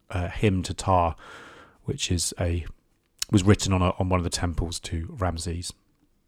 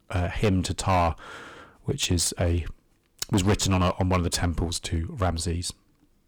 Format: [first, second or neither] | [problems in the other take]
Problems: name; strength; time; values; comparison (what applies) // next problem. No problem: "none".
first | distortion; heavy; 8% of the sound clipped